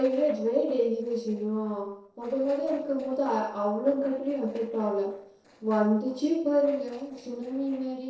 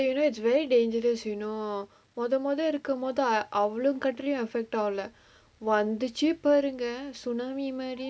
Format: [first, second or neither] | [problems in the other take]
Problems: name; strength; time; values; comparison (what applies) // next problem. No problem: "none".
second | noise reduction (neural separator model SepFormer DNS4)